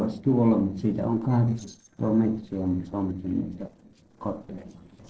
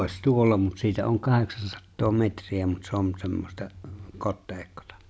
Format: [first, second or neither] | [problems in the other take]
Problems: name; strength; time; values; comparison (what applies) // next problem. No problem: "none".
second | noise reduction (neural separator model SepFormer DNS4)